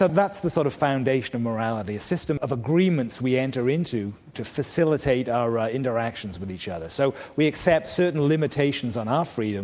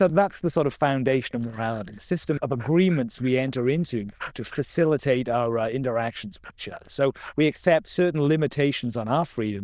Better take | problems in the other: first | noise reduction (neural diffusion model UNIVERSE++)

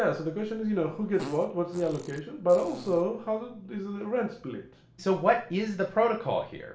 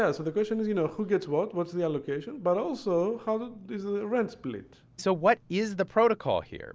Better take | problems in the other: second | background sound (Fart); 17 dB below the speech // room echo; dies away in 0.5 s

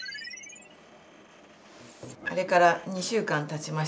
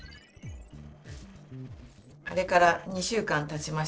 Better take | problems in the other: first | noise reduction (neural separator model SepFormer DNS4)

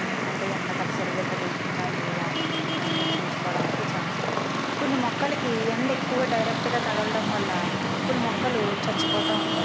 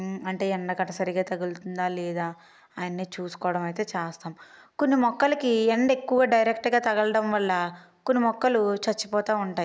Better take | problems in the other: second | background sound (Traffic noise, roadway noise); 4 dB above the speech

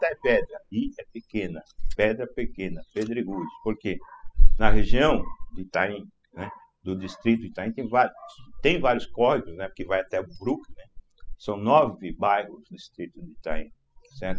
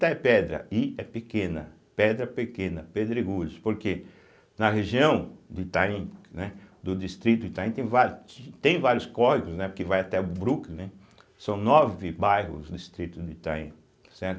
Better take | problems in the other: second | noise reduction (classical method spectral subtraction)

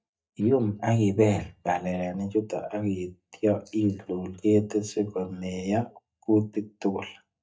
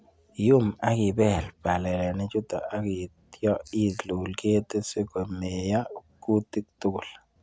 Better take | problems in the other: second | noise reduction (neural mask model DeepFilterNet 3)

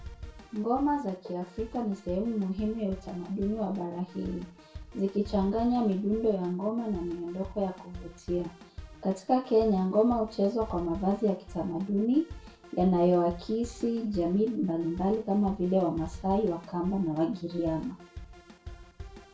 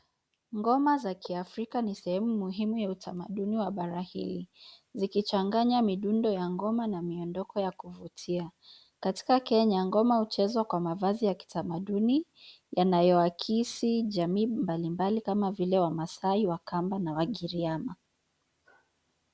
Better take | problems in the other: second | background sound (Drum kit); 17 dB below the speech // room echo; dies away in 0.3 s

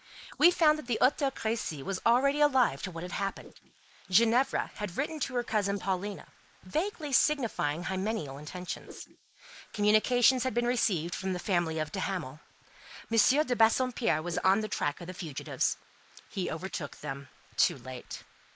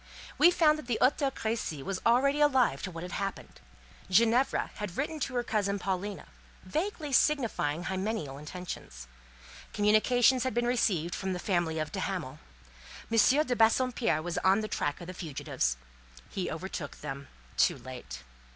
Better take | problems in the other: second | noise reduction (neural mask model Resemble Enhance denoiser)

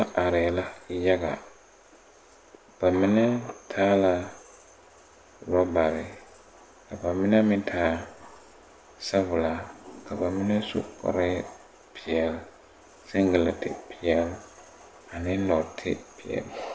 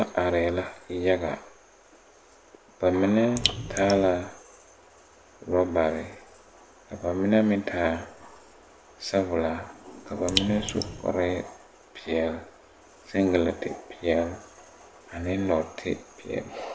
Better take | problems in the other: first | background sound (Raindrop); 4 dB below the speech

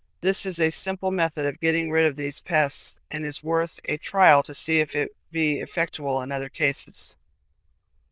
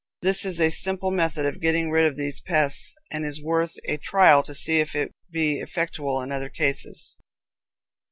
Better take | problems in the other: second | noise reduction (neural diffusion model UNIVERSE++)

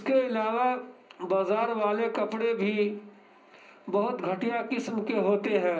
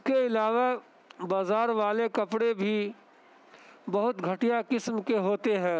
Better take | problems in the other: second | room echo; dies away in 0.5 s

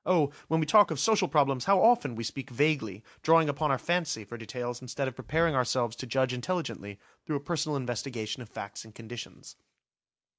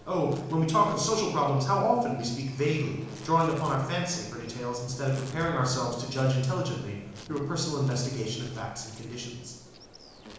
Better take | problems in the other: first | background sound (Insect); 19 dB below the speech // room echo; dies away in 1 s

